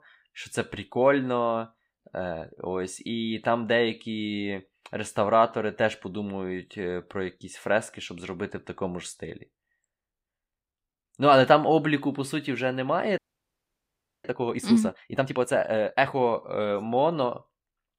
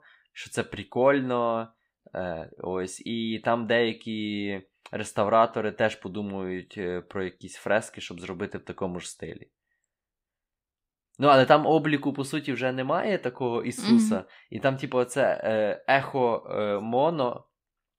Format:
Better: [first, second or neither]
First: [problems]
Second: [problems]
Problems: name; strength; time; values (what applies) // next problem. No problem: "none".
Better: second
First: audio freezing; at 13 s for 1 s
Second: none